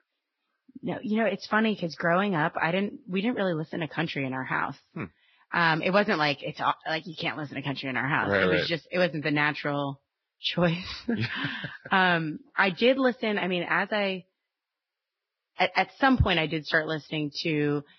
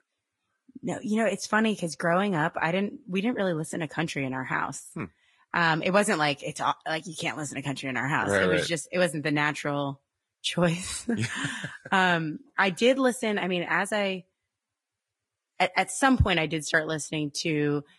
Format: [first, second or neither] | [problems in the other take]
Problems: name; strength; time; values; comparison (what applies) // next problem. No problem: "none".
second | garbled, watery; badly; nothing above 5.5 kHz; slightly in the second